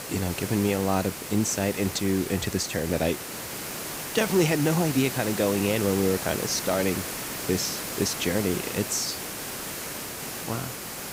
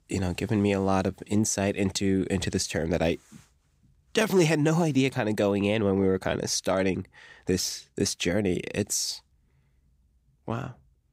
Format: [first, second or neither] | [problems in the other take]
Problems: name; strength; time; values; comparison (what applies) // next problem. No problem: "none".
second | hiss; loud; throughout; 6 dB below the speech